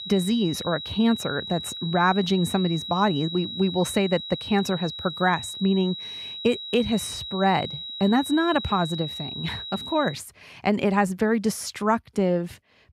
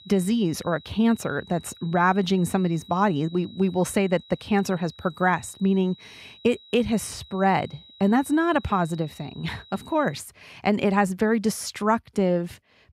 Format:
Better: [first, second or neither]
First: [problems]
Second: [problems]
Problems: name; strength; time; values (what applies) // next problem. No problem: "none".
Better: second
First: high-pitched whine; loud; until 10 s; 4 kHz, 8 dB below the speech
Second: high-pitched whine; faint; until 10 s; 4 kHz, 25 dB below the speech